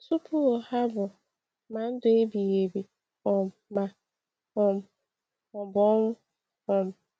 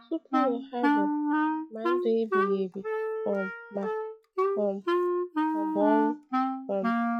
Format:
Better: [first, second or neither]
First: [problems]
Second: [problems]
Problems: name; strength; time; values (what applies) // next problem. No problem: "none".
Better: first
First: none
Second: noise reduction (classical method log-MMSE)